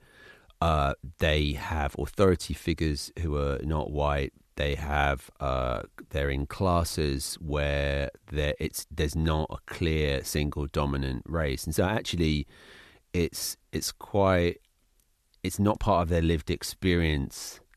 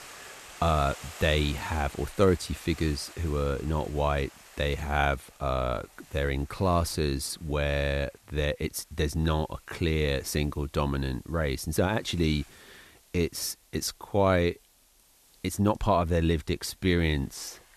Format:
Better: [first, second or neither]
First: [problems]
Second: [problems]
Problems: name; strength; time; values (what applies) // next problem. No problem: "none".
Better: first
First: none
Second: hiss; faint; throughout; 20 dB below the speech